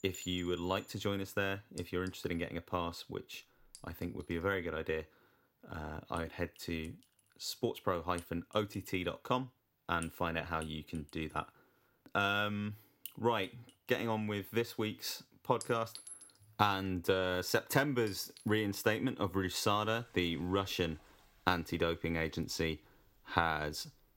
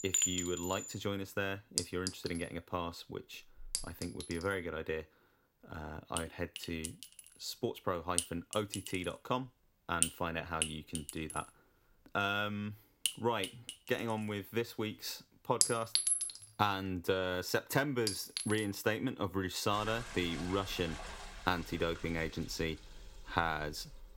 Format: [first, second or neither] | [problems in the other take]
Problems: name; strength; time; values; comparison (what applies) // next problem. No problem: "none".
first | household noises; loud; throughout; 1 dB below the speech; faint in the first